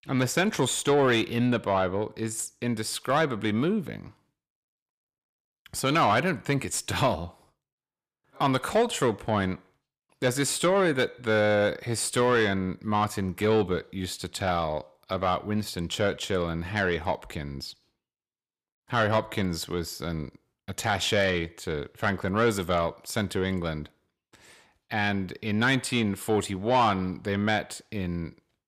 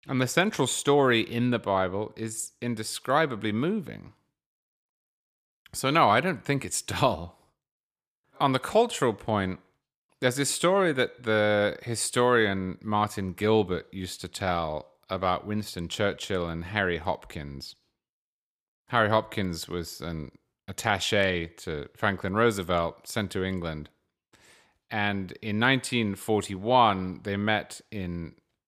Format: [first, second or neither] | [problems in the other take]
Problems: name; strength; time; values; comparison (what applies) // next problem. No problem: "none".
second | distortion; slight; 10 dB below the speech